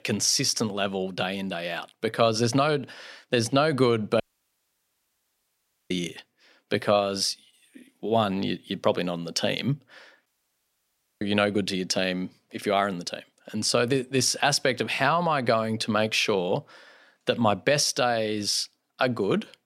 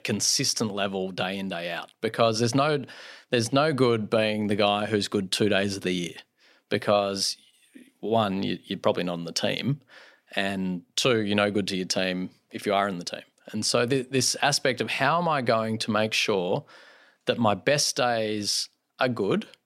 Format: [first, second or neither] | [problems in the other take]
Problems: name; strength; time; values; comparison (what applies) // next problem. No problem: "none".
second | audio cutting out; at 4 s for 1.5 s and at 10 s for 1 s